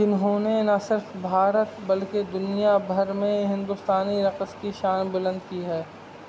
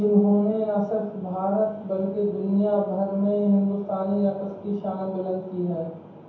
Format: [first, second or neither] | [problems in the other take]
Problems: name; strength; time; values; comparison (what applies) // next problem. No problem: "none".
first | room echo; dies away in 0.9 s